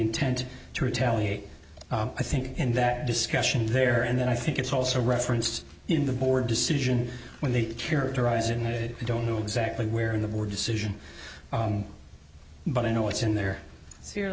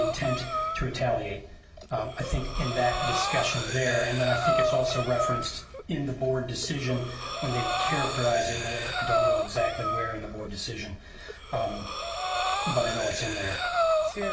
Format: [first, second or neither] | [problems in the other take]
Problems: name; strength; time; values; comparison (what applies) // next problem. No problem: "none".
first | background sound (Breathing); 1 dB below the speech // room echo; dies away in 0.2 s